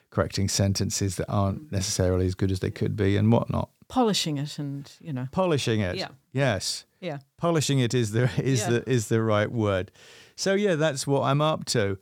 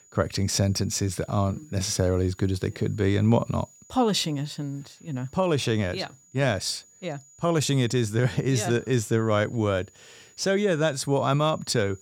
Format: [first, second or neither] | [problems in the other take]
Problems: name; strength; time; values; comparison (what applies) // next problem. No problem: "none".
first | high-pitched whine; faint; throughout; 7 kHz, 25 dB below the speech